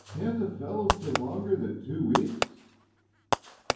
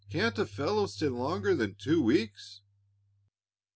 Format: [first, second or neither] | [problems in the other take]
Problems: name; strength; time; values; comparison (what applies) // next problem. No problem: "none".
second | background sound (Fireworks); 2 dB below the speech // room echo; dies away in 0.9 s